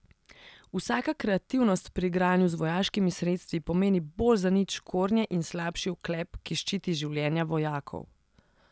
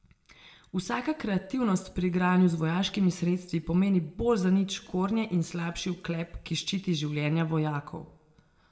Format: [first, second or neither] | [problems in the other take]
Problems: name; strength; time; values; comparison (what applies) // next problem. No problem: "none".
first | room echo; dies away in 0.5 s